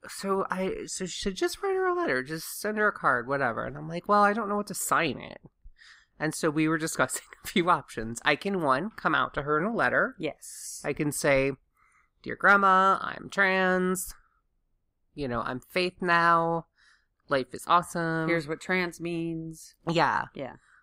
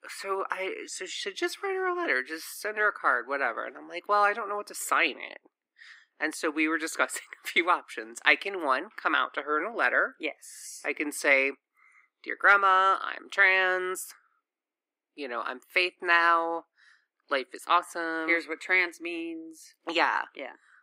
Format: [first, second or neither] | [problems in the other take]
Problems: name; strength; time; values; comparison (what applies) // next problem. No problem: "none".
first | thin; somewhat; fading below 300 Hz